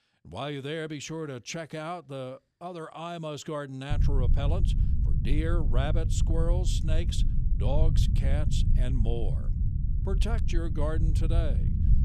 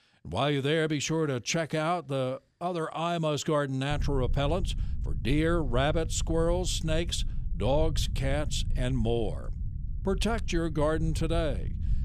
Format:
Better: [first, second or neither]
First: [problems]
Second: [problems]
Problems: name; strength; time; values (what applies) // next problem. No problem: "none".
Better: second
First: low rumble; loud; from 4 s on; 7 dB below the speech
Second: low rumble; faint; from 4 s on; 20 dB below the speech